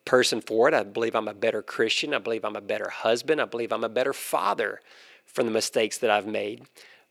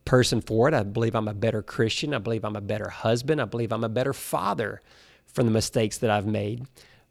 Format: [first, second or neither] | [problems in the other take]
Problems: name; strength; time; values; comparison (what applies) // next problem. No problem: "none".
second | thin; somewhat; fading below 400 Hz